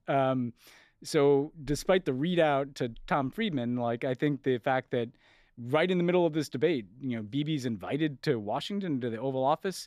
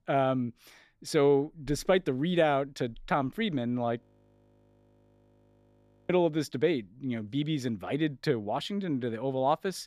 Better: first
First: none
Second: audio freezing; at 4 s for 2 s

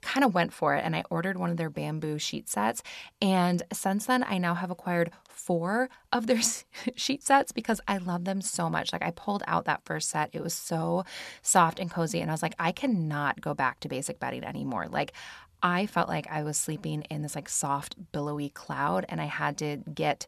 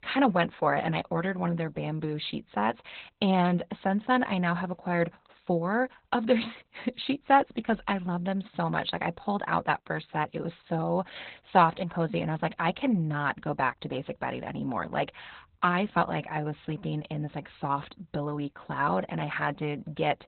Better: first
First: none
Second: garbled, watery; badly; nothing above 4 kHz

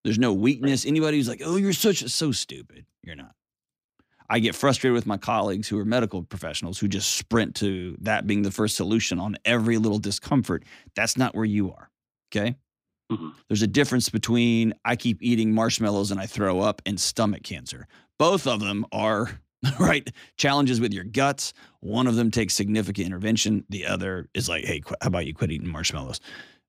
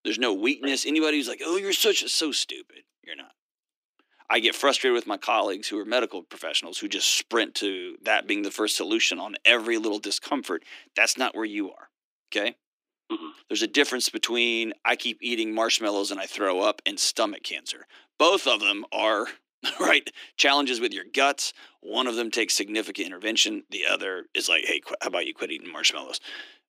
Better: first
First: none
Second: thin; somewhat; fading below 300 Hz

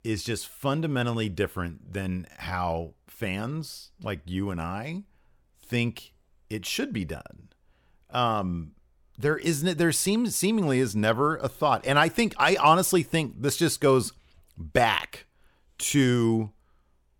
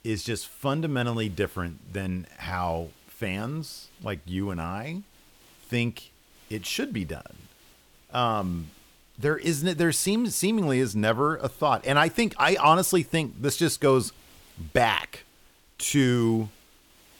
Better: first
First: none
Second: hiss; faint; throughout; 30 dB below the speech

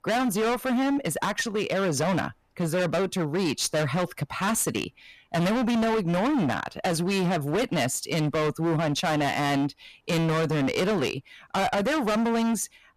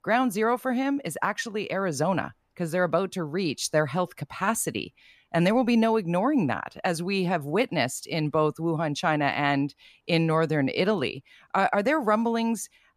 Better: second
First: distortion; heavy; 28% of the sound clipped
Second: none

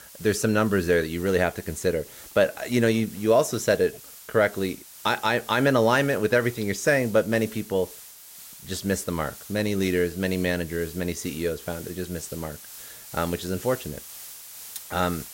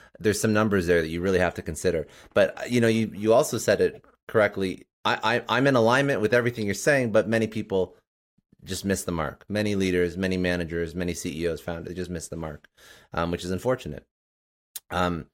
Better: second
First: hiss; noticeable; throughout; 15 dB below the speech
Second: none

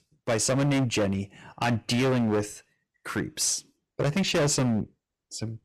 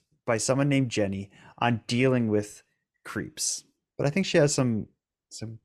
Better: second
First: distortion; heavy; 15% of the sound clipped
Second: none

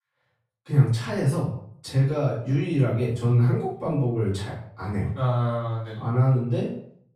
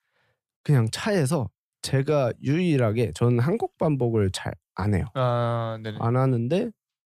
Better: second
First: off-mic speech; far // room echo; noticeable; dies away in 0.5 s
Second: none

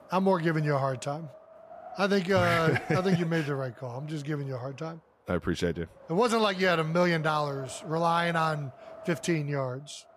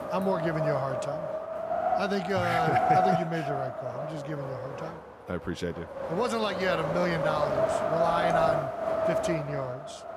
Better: first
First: wind noise on the microphone; occasional gusts; 15 dB below the speech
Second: wind noise on the microphone; heavy; 4 dB above the speech

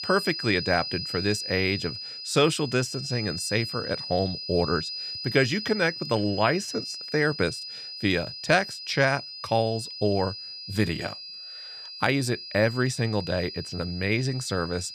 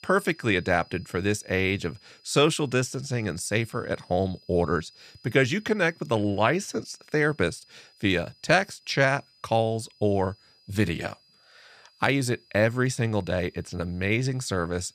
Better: second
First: high-pitched whine; loud; throughout; 5 kHz, 7 dB below the speech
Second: high-pitched whine; faint; throughout; 5 kHz, 30 dB below the speech

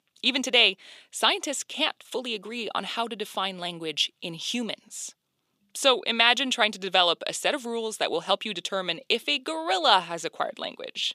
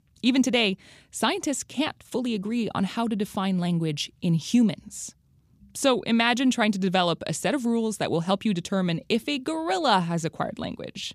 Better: second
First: thin; somewhat; fading below 500 Hz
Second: none

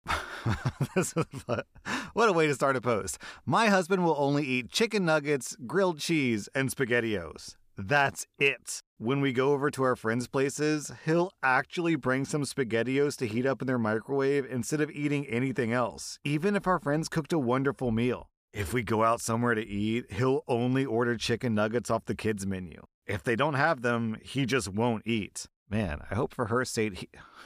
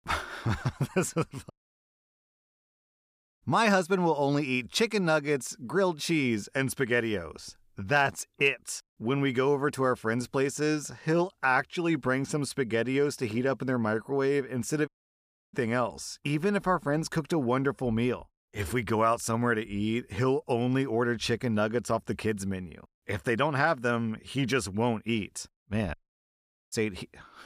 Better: first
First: none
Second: audio cutting out; at 1.5 s for 2 s, at 15 s for 0.5 s and at 26 s for 1 s

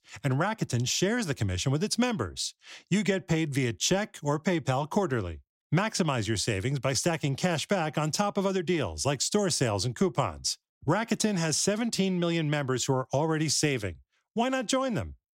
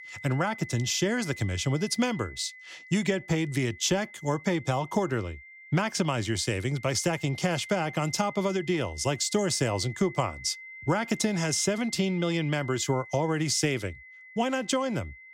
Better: first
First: none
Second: high-pitched whine; noticeable; throughout; 2 kHz, 15 dB below the speech

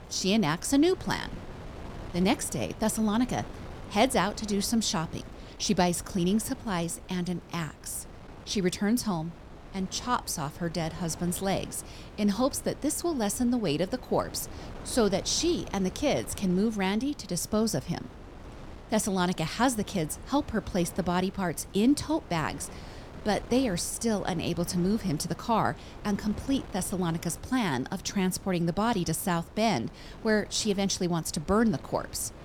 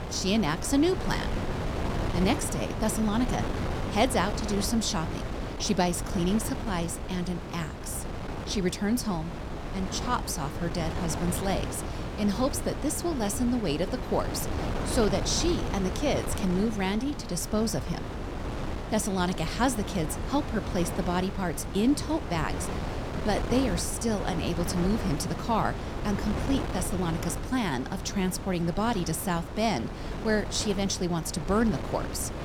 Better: first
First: wind noise on the microphone; occasional gusts; 20 dB below the speech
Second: wind noise on the microphone; heavy; 6 dB below the speech

